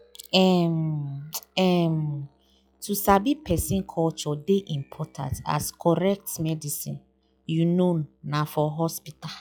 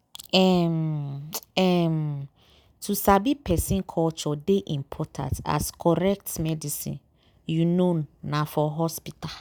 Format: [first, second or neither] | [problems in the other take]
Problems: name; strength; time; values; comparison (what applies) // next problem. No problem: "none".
second | noise reduction (classical method log-MMSE)